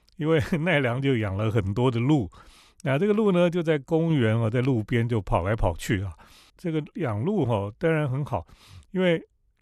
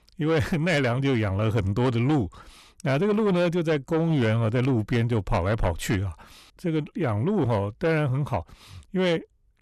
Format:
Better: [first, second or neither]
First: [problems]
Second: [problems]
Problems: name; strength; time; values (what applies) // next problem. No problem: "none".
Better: first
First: none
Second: distortion; slight; 10 dB below the speech